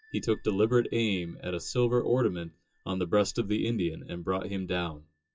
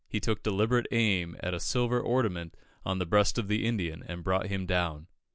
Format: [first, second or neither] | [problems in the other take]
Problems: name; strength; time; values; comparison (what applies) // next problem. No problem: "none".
second | noise reduction (classical method WPE with log-MMSE)